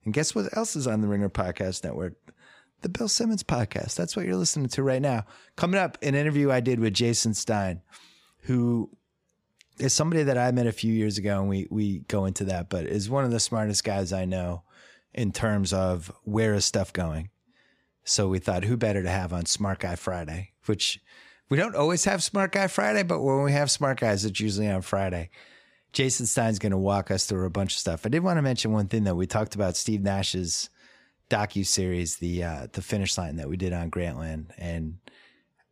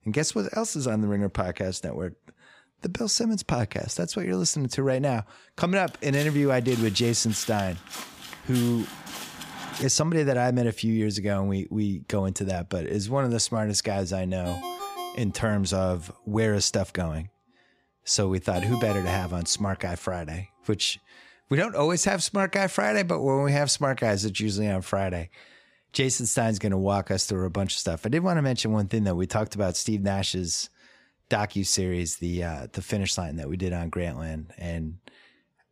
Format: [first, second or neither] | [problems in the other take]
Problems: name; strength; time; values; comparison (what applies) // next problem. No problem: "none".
first | footsteps; noticeable; from 6 to 10 s; peak 9 dB below the speech // phone ringing; noticeable; from 14 to 20 s; peak 8 dB below the speech